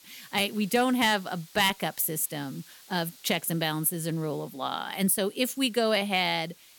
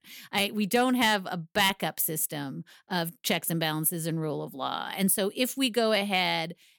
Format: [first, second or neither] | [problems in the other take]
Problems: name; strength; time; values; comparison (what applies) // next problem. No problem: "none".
second | hiss; faint; throughout; 25 dB below the speech